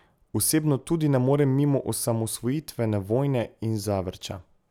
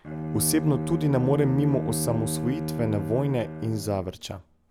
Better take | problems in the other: first | background sound (Bowed string instrument); 5 dB below the speech

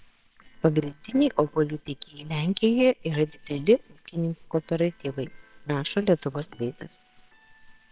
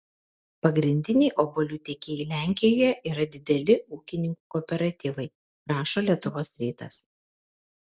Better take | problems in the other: second | noise reduction (neural separator model SepFormer WHAMR!)

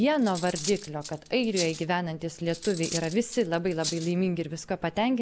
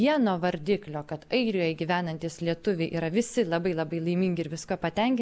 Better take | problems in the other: second | background sound (Cutlery, silverware); 12 dB below the speech

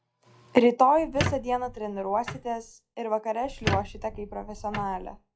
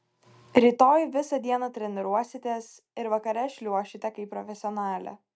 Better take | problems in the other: second | noise reduction (classical method log-MMSE)

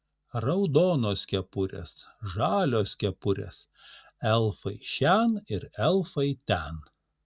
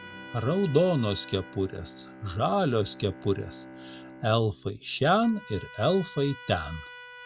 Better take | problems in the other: first | background sound (Bowed string instrument + Trumpet); 17 dB below the speech

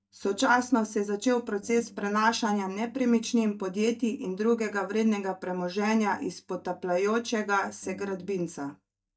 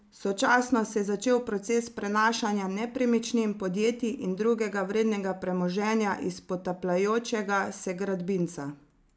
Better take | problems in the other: second | noise reduction (neural mask model DeepFilterNet 3)

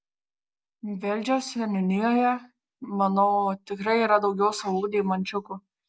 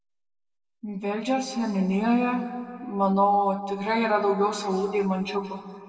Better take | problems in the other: first | room echo; dies away in 1.7 s

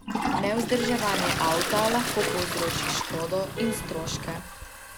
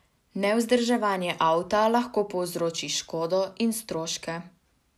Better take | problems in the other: second | background sound (Vehicle horn, car horn, honking + Toilet flush); 1 dB below the speech

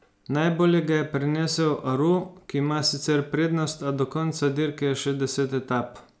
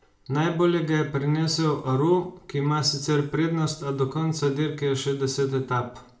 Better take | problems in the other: first | room echo; dies away in 0.4 s

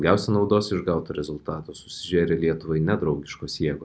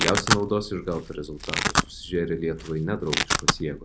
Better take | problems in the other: first | background sound (Domestic sounds, home sounds); 1 dB above the speech

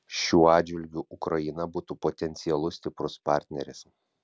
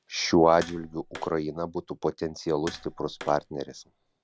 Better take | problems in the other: first | background sound (Tap); 20 dB below the speech

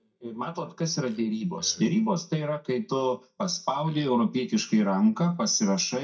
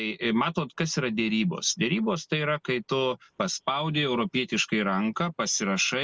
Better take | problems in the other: second | noise reduction (neural mask model DeepFilterNet 3)

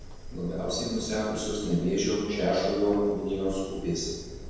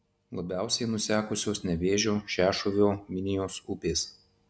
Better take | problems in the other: second | background sound (Fire); 13 dB below the speech // room echo; dies away in 1.2 s

